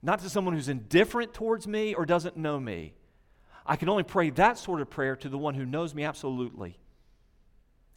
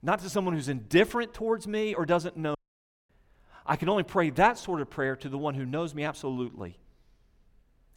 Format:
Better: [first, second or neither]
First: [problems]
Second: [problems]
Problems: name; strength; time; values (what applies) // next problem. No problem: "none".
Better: first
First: none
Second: audio cutting out; at 2.5 s for 0.5 s